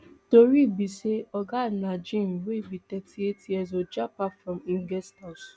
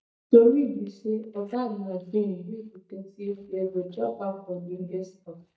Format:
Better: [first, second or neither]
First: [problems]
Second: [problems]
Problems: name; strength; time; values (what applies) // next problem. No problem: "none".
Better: first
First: none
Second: noise reduction (neural mask model DeepFilterNet 3)